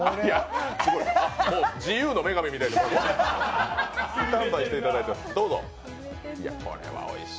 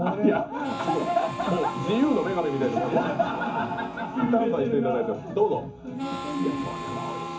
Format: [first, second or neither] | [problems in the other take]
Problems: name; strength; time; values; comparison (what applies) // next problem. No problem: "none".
first | background sound (Harmonica); 11 dB below the speech // room echo; dies away in 0.3 s